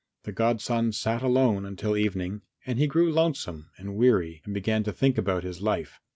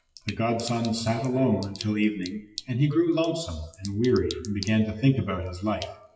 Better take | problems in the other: first | noise reduction (classical method WPE with log-MMSE)

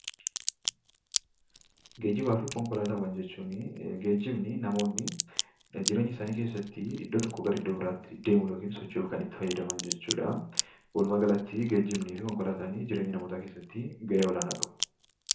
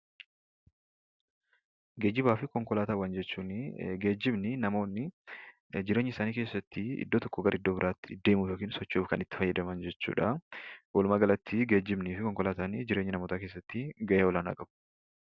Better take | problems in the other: second | background sound (Crack); 8 dB below the speech // room echo; dies away in 0.6 s

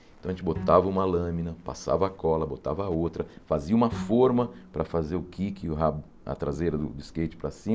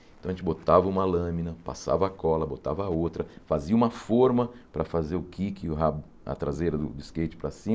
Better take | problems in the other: second | background sound (Bowed string instrument); 16 dB below the speech

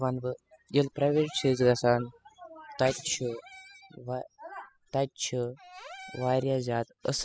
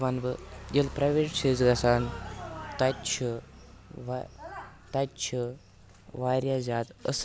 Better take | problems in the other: second | noise reduction (classical method spectral subtraction)

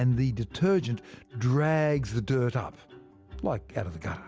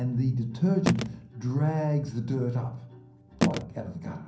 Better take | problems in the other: first | background sound (Telephone); 3 dB below the speech // room echo; dies away in 0.6 s

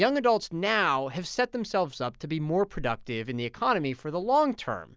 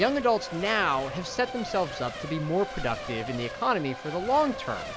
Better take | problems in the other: first | background sound (Race car, auto racing / Accelerating, revving, vroom / Mechanisms); 9 dB below the speech

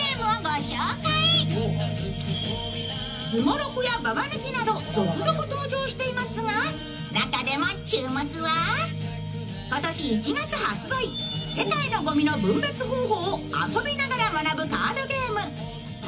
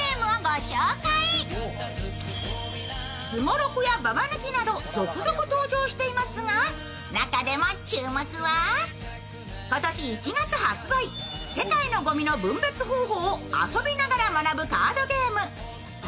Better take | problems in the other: second | room echo; dies away in 0.4 s

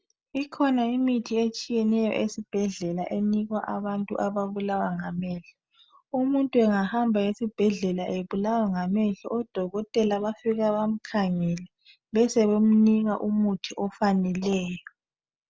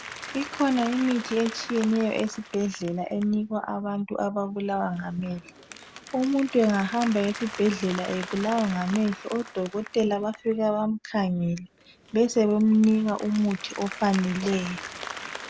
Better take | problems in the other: first | background sound (Applause); 15 dB below the speech

